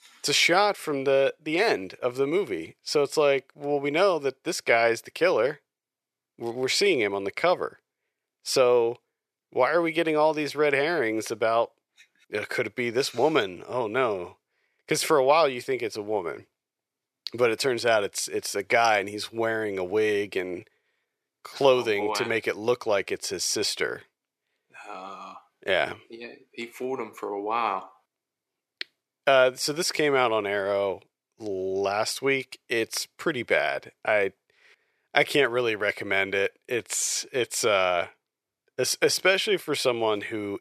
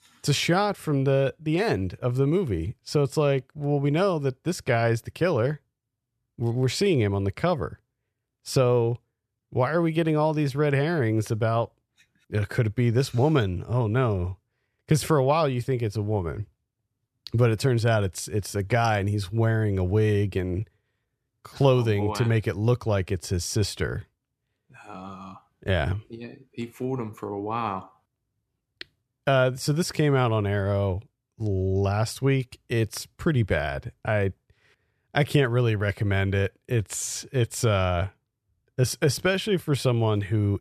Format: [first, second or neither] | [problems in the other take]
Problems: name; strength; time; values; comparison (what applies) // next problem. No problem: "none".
second | thin; very; fading below 450 Hz